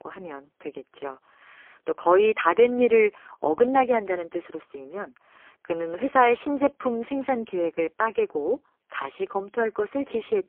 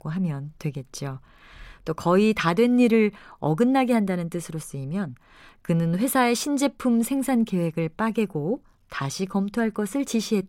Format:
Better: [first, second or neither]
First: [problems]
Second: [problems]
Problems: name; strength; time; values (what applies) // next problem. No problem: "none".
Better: second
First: phone-call audio; poor line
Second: none